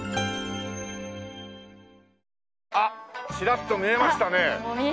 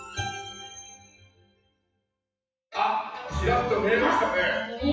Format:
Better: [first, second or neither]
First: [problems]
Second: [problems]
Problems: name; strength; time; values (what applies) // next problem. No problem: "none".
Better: first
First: none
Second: noise reduction (classical method WPE with log-MMSE)